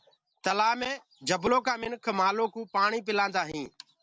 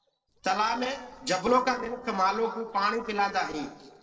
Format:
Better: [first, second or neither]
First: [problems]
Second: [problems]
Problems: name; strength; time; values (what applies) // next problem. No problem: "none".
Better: first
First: none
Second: noise reduction (neural separator model SepFormer DNS4)